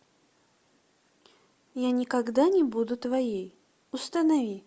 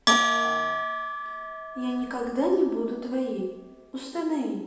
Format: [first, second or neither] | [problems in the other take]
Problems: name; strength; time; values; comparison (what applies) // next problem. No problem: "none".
first | background sound (Bell); as loud as the speech // room echo; dies away in 0.9 s